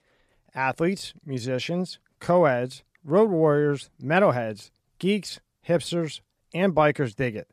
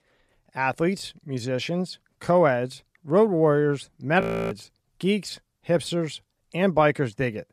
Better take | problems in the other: first | audio freezing; at 4 s

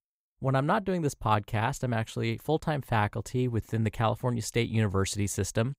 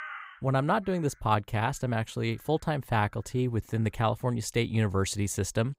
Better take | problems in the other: first | animal sounds; faint; throughout; 20 dB below the speech

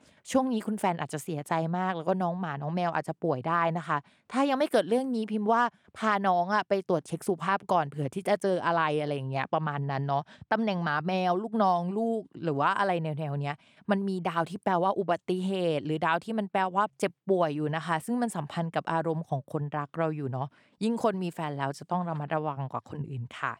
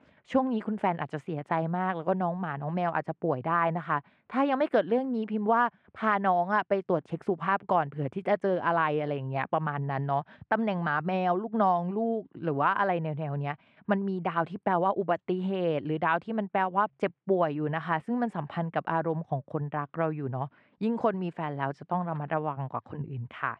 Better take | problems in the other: first | muffled; very; fading above 2 kHz

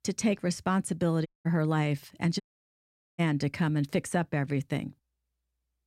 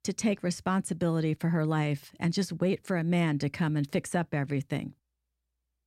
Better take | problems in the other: second | audio cutting out; at 1.5 s and at 2.5 s for 1 s

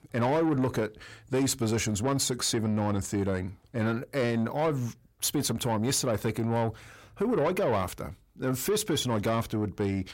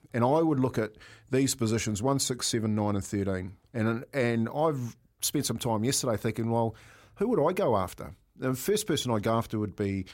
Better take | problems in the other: second | distortion; slight; 10 dB below the speech

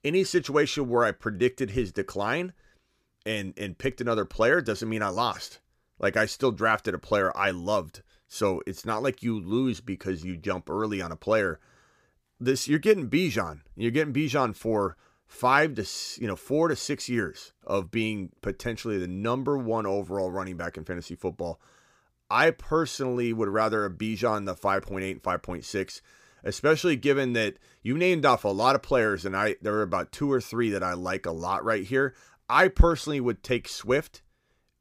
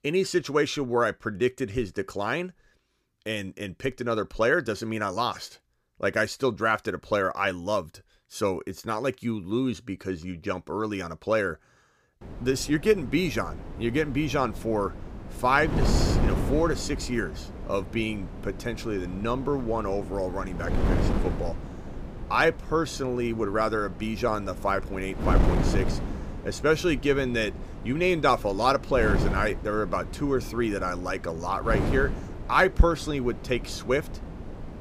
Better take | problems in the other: first | wind noise on the microphone; occasional gusts; from 12 s on; 10 dB below the speech

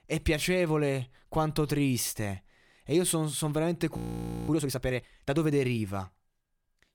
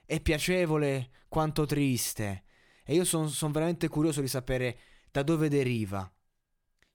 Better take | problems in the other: second | audio freezing; at 4 s for 0.5 s

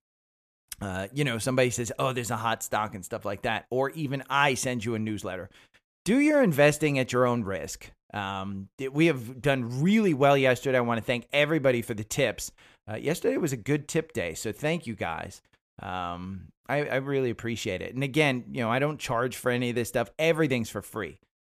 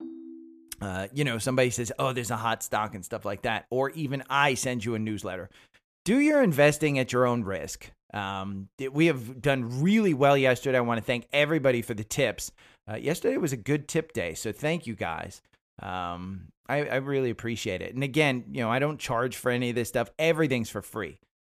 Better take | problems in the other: first | phone ringing; faint; at the start; peak 15 dB below the speech

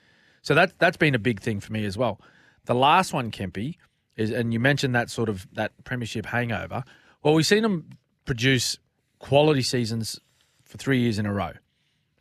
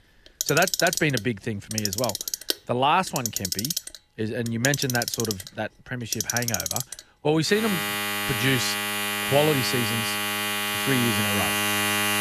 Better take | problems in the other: first | household noises; very loud; throughout; as loud as the speech

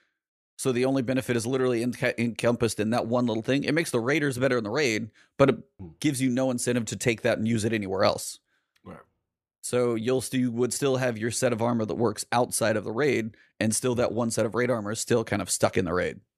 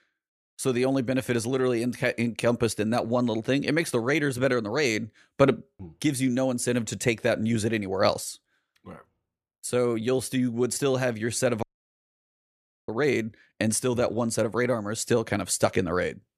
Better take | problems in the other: first | audio cutting out; at 12 s for 1.5 s

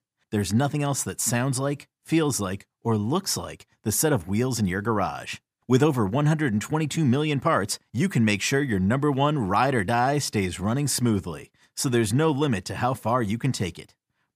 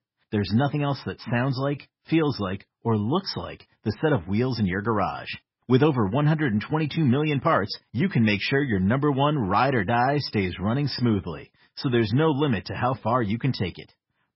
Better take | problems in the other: first | garbled, watery; badly; nothing above 5.5 kHz

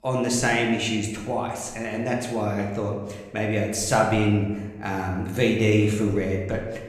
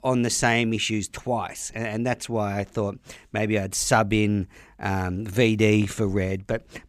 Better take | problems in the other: second | room echo; noticeable; dies away in 0.9 s // off-mic speech; somewhat distant

